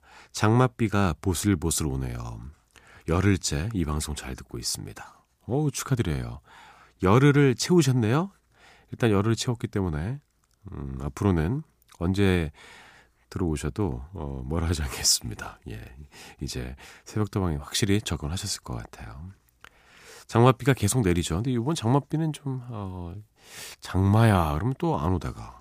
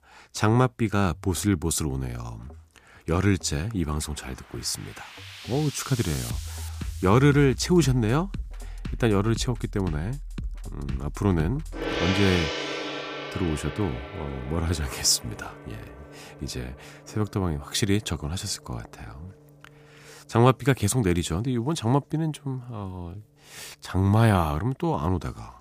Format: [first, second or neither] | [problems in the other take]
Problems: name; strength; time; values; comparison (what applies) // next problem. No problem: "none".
first | background music; loud; throughout; 10 dB below the speech